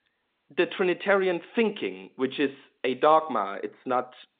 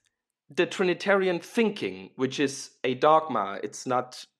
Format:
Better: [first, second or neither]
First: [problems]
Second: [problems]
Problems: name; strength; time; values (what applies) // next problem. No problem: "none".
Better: second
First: phone-call audio; nothing above 3.5 kHz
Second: none